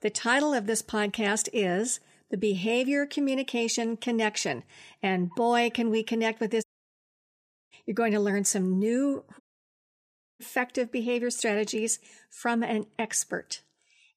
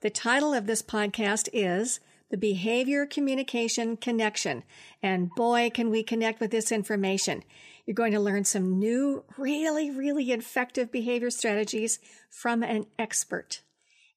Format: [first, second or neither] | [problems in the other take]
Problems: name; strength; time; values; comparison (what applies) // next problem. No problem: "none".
second | audio cutting out; at 6.5 s for 1 s and at 9.5 s for 1 s